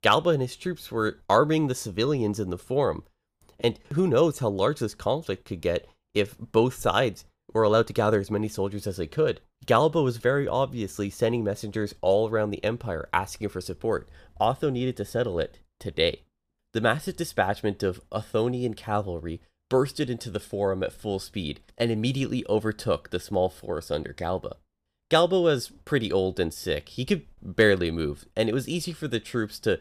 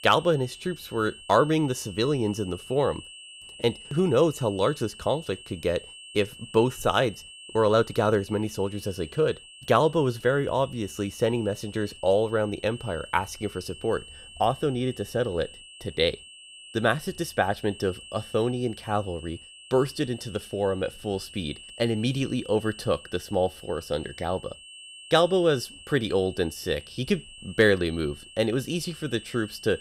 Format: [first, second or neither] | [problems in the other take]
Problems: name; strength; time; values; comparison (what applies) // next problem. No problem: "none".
first | high-pitched whine; noticeable; throughout; 3 kHz, 15 dB below the speech